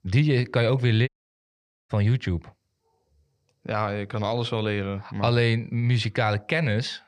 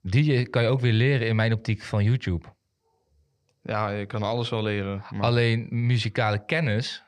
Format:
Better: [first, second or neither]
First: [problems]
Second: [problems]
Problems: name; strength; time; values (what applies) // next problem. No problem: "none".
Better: second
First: audio cutting out; at 1 s for 1 s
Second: none